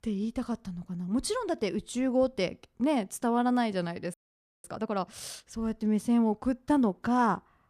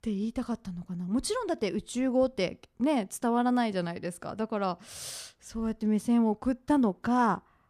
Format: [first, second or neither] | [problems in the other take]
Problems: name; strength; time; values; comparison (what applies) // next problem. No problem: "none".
second | audio freezing; at 4 s for 0.5 s